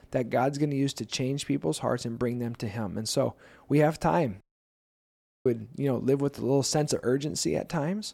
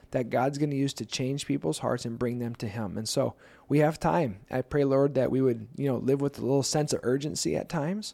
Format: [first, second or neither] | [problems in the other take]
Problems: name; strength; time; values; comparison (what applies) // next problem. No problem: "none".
second | audio cutting out; at 4.5 s for 1 s